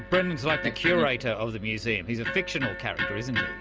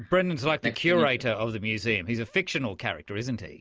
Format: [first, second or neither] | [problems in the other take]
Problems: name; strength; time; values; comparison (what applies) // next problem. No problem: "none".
second | background sound (Electric guitar); 5 dB below the speech